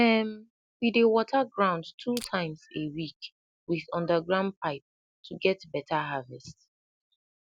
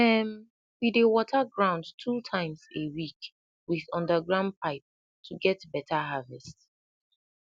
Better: second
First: background sound (Crushing); 13 dB below the speech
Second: none

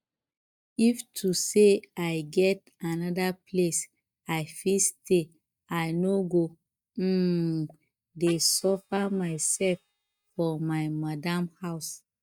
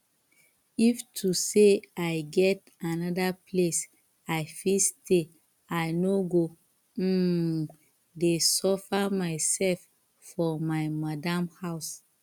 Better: second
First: noise reduction (neural mask model DeepFilterNet 3)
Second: none

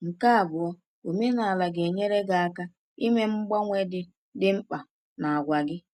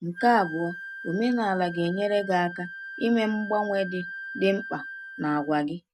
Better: first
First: none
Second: background sound (Wind instrument, woodwind instrument); 12 dB below the speech

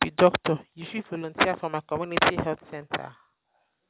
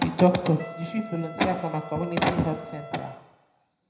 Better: first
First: none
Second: background sound (Wind instrument, woodwind instrument); 16 dB below the speech // room echo; dies away in 0.7 s

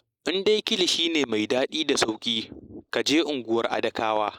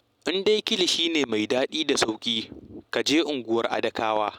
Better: second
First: noise reduction (neural mask model Resemble Enhance denoiser)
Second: none

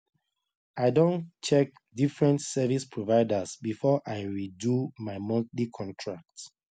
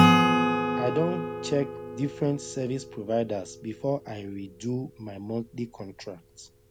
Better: first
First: none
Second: background sound (Acoustic guitar / Strum); 3 dB above the speech

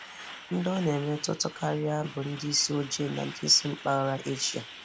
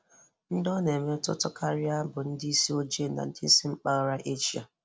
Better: second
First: background sound (Truck); 15 dB below the speech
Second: none

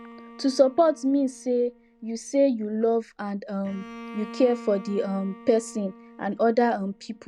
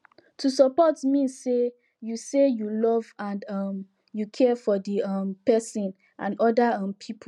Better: second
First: background sound (Bowed string instrument); 19 dB below the speech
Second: none

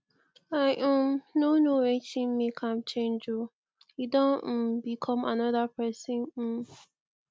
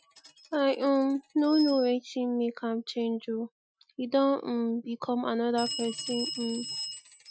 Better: first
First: none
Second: noise reduction (classical method Wiener filter)

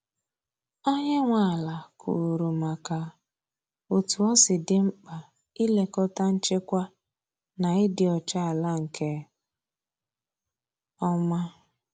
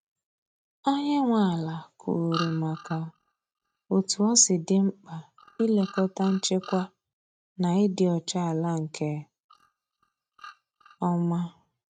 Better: first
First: none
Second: noise reduction (neural mask model RNNoise)

